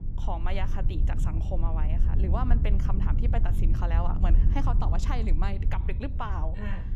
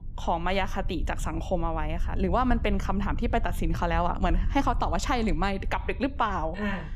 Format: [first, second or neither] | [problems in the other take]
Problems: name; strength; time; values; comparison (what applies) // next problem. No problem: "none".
second | low rumble; loud; throughout; 7 dB below the speech; faint in the second